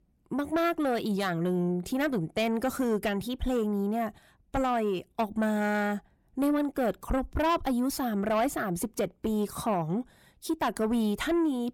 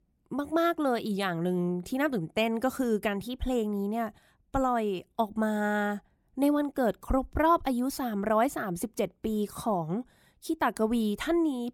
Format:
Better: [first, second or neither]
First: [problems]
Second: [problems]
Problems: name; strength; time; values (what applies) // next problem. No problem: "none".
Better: second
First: distortion; slight; 10 dB below the speech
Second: none